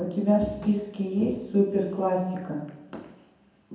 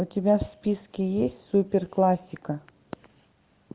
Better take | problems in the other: second | background sound (Snare drum); 20 dB below the speech // room echo; dies away in 0.8 s

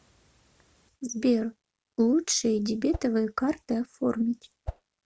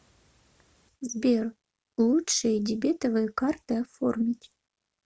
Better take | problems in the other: second | background sound (Whoosh, swoosh, swish); 10 dB below the speech

